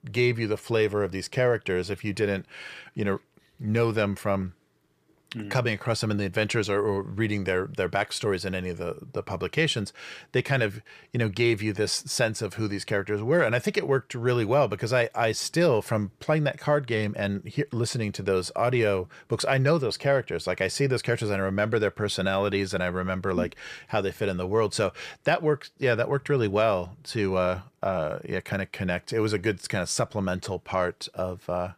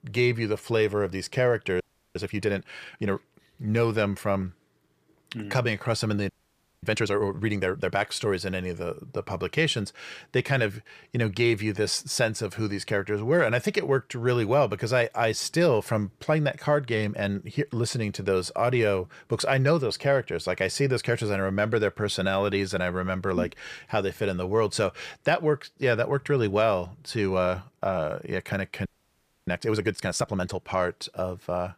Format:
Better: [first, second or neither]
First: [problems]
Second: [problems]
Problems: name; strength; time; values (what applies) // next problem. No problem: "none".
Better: first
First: none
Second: audio freezing; at 2 s, at 6.5 s for 0.5 s and at 29 s for 0.5 s